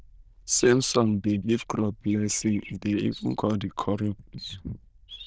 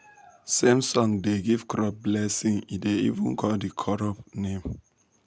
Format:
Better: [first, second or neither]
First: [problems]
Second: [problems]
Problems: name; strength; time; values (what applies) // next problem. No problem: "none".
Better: second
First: noise reduction (neural diffusion model UNIVERSE++)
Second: none